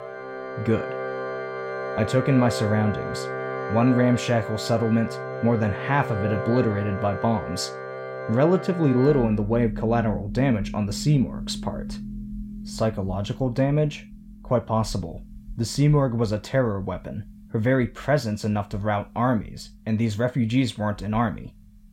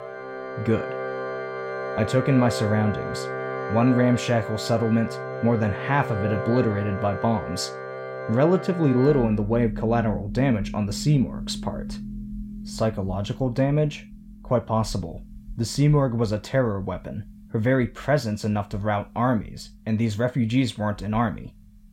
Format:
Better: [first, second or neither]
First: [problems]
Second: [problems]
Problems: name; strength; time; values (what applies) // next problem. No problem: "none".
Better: neither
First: background music; loud; throughout; 8 dB below the speech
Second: background music; loud; throughout; 8 dB below the speech